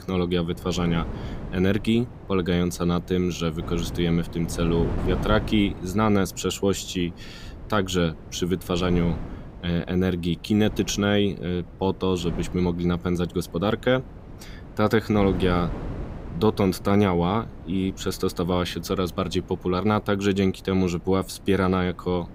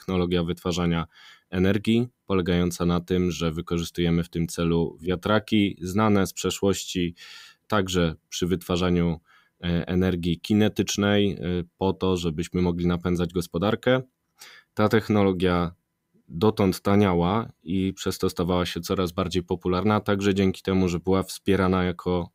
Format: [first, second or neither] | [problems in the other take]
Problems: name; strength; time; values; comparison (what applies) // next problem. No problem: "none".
second | wind noise on the microphone; occasional gusts; 15 dB below the speech